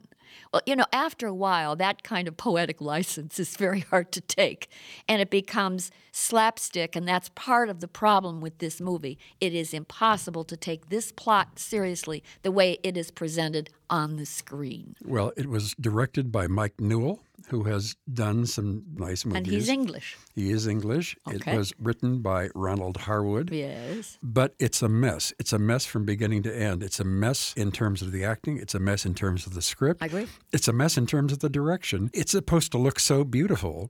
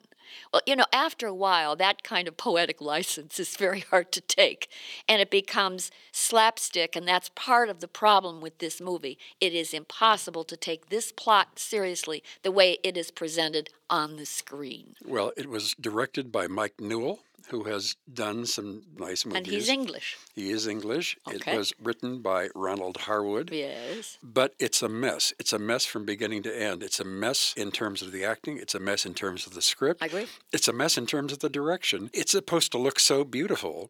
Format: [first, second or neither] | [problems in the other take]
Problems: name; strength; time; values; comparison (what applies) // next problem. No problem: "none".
first | thin; somewhat; fading below 400 Hz